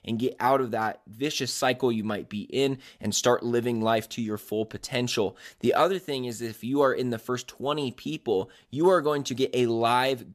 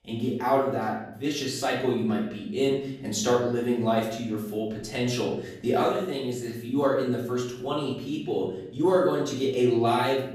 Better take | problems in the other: first | room echo; noticeable; dies away in 0.8 s // off-mic speech; far

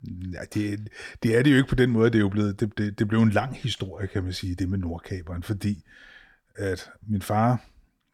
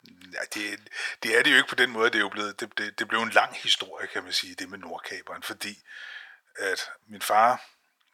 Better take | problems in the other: first | thin; very; fading below 850 Hz

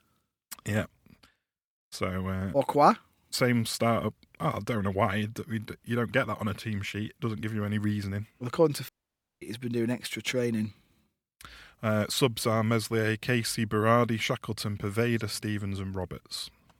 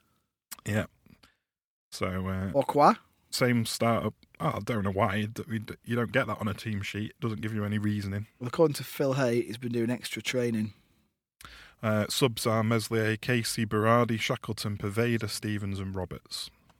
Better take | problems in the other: second | audio cutting out; at 9 s for 0.5 s

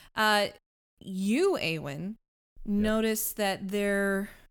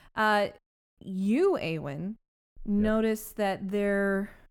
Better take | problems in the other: first | muffled; slightly; fading above 2.5 kHz

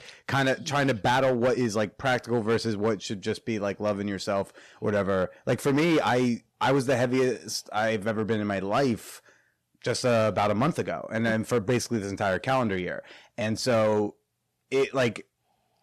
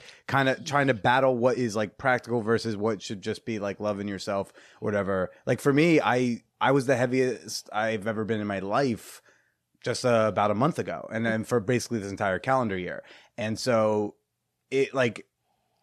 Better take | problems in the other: second | distortion; slight; 7% of the sound clipped

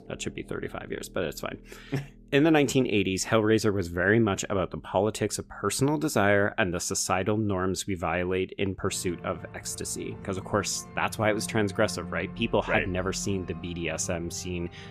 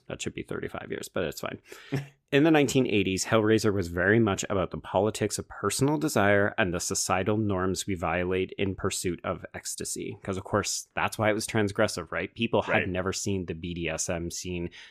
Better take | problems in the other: second | background music; noticeable; throughout; 20 dB below the speech

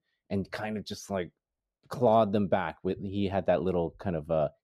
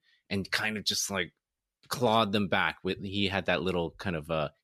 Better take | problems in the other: second | muffled; very; fading above 1 kHz

